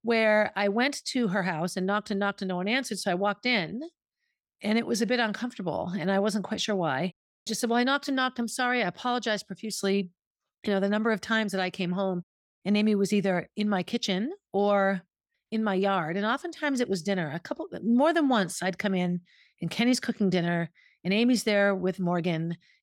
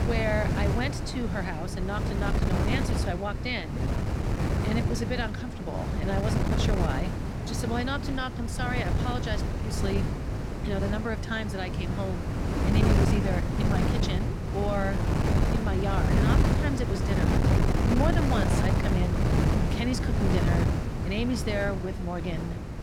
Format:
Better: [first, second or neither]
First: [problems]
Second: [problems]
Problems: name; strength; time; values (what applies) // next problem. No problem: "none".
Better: first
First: none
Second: wind noise on the microphone; heavy; 1 dB below the speech